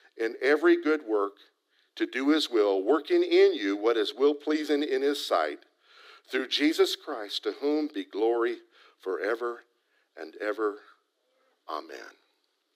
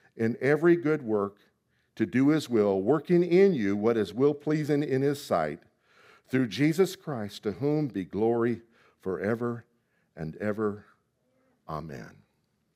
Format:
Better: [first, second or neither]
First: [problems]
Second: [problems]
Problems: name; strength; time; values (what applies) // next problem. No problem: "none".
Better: second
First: thin; very slightly; fading below 300 Hz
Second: none